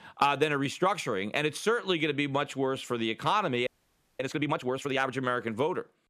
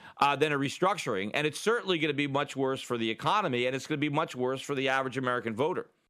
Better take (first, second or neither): second